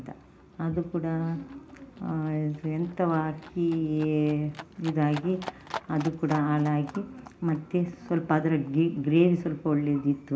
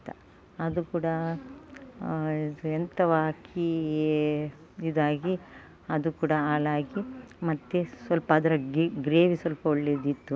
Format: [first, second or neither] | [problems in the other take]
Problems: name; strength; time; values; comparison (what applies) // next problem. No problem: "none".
second | background sound (Livestock, farm animals, working animals); 19 dB below the speech // room echo; dies away in 0.4 s